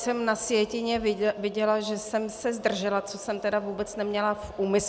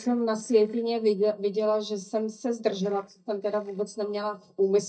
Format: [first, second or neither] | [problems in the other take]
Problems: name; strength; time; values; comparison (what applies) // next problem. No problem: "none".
first | noise reduction (neural mask model DeepFilterNet 3)